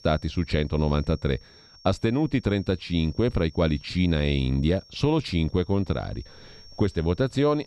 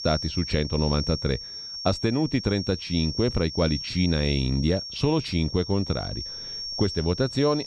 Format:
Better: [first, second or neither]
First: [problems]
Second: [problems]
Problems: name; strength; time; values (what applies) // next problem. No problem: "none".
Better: first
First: high-pitched whine; faint; throughout; 5.5 kHz, 25 dB below the speech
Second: high-pitched whine; loud; throughout; 5.5 kHz, 7 dB below the speech